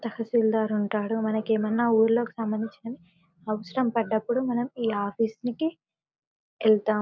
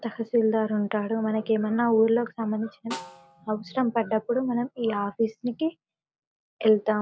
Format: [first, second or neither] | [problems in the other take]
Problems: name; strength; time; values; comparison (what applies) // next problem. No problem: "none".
first | background sound (Snare drum); 19 dB below the speech